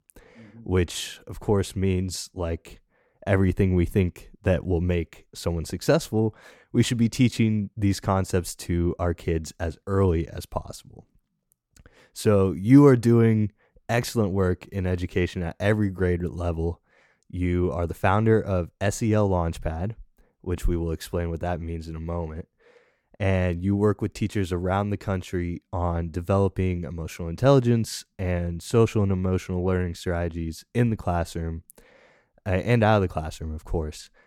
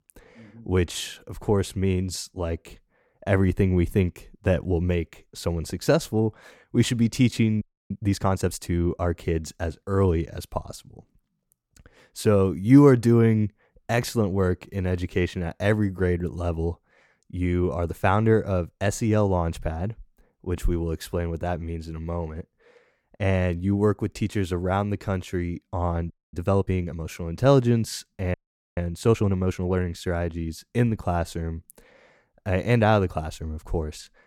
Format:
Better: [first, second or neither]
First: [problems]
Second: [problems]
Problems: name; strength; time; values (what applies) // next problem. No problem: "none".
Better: first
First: none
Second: audio freezing; at 7.5 s, at 26 s and at 28 s